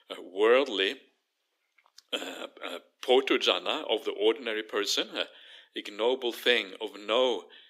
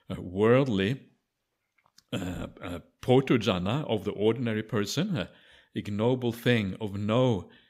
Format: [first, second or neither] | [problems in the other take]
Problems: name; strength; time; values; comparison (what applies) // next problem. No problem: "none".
second | thin; very; fading below 300 Hz